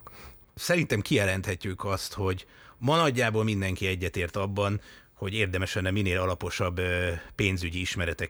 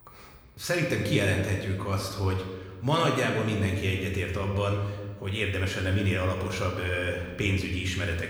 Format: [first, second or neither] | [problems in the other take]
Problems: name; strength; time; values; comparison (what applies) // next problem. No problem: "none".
first | room echo; noticeable; dies away in 1.2 s // off-mic speech; somewhat distant